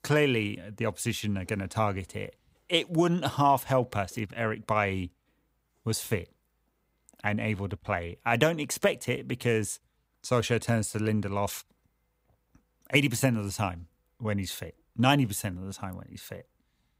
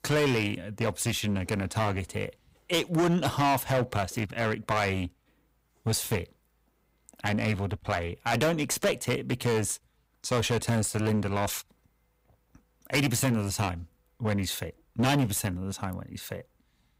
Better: first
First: none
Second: distortion; heavy; 10% of the sound clipped

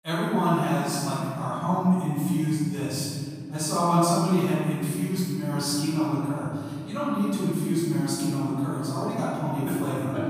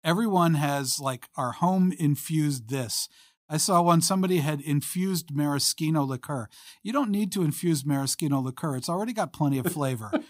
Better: second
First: room echo; strong; dies away in 2.4 s // off-mic speech; far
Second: none

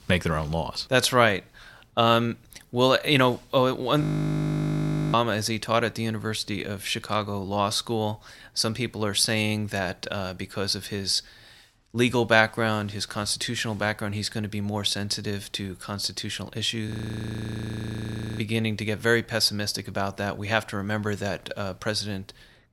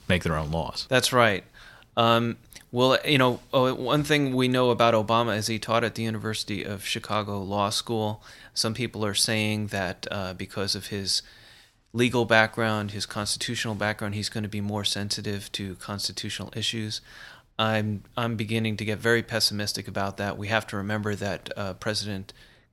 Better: second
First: audio freezing; at 4 s for 1 s and at 17 s for 1.5 s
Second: none

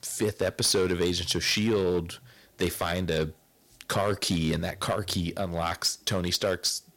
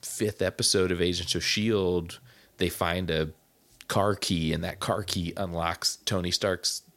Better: second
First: distortion; slight; 4% of the sound clipped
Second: none

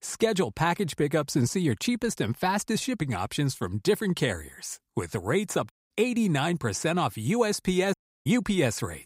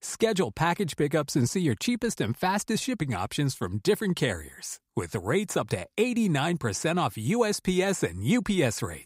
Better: second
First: audio cutting out; at 5.5 s and at 8 s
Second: none

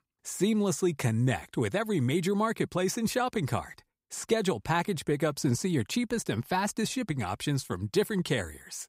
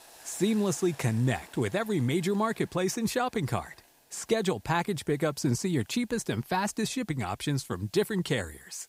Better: first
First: none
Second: hiss; faint; throughout; 25 dB below the speech

